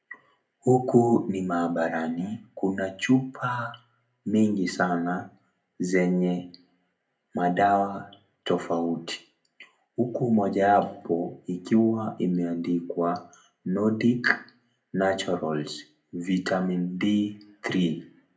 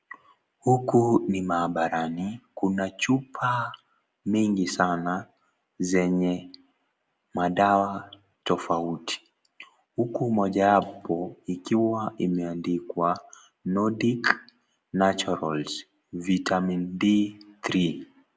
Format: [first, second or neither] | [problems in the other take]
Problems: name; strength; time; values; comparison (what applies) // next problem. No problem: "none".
second | room echo; dies away in 0.3 s